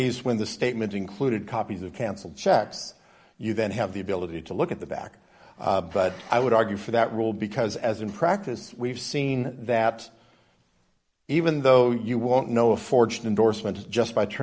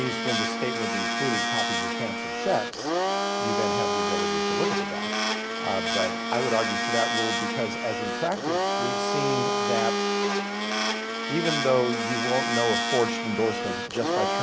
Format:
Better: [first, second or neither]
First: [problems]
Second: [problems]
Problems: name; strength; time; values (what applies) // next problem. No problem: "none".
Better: first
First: none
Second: background sound (Domestic sounds, home sounds); 3 dB above the speech